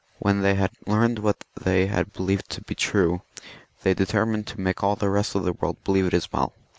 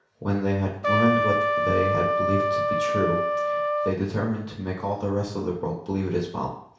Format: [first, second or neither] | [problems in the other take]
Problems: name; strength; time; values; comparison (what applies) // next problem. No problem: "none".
first | background sound (Trumpet); 3 dB above the speech // room echo; dies away in 0.6 s